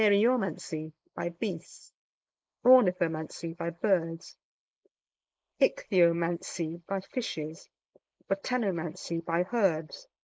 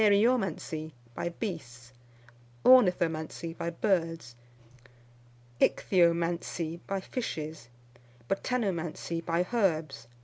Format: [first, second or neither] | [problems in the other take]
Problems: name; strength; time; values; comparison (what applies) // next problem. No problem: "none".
second | noise reduction (neural mask model Resemble Enhance denoiser)